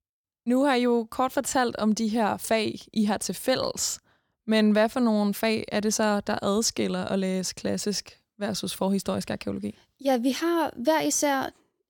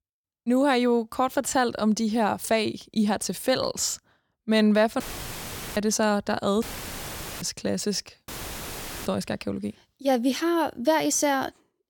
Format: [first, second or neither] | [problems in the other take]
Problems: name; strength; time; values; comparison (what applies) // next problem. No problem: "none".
first | audio cutting out; filled with static; at 5 s for 1 s, at 6.5 s for 1 s and at 8.5 s for 1 s